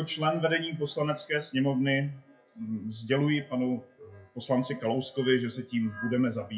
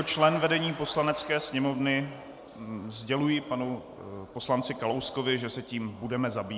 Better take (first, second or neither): second